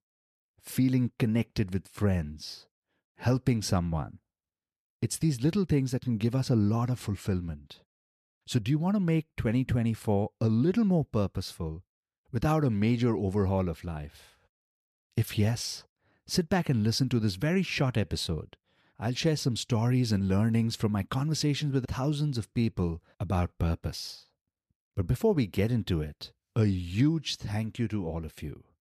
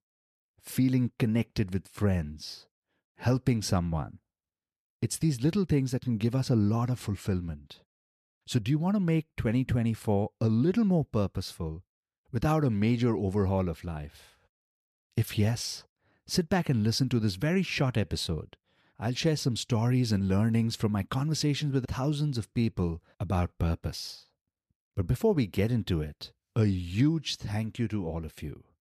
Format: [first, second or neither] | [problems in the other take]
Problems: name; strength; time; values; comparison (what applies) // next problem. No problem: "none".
neither | none